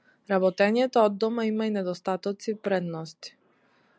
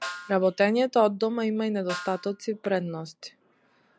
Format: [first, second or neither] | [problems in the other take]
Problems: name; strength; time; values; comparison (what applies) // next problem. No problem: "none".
first | background sound (Snare drum); 16 dB below the speech